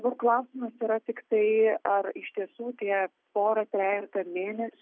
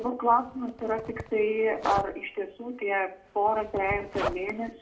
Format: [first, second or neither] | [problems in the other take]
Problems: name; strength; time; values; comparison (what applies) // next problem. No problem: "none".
first | background sound (Zipper (clothing)); 11 dB below the speech // room echo; dies away in 0.3 s